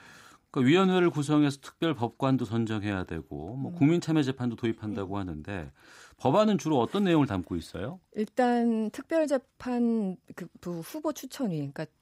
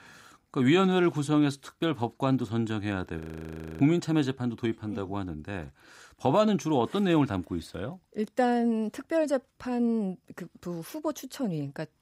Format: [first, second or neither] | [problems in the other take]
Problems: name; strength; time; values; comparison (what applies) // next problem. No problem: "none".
first | audio freezing; at 3 s for 0.5 s